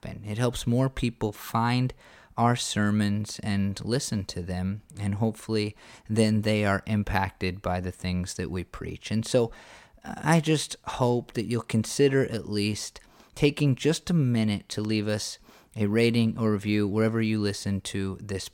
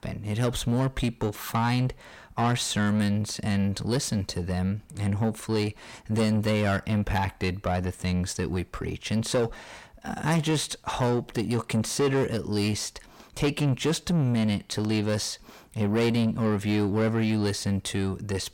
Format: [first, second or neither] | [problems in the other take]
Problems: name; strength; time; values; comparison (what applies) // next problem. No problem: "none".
first | distortion; slight; 10 dB below the speech